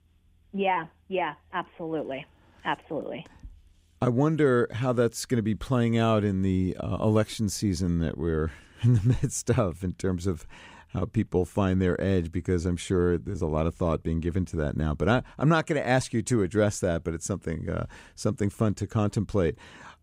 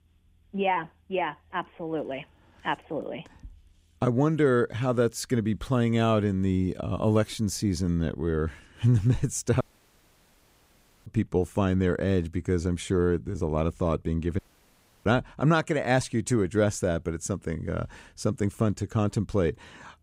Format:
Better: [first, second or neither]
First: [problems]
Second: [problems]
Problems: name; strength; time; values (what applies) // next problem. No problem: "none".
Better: first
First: none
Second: audio cutting out; at 9.5 s for 1.5 s and at 14 s for 0.5 s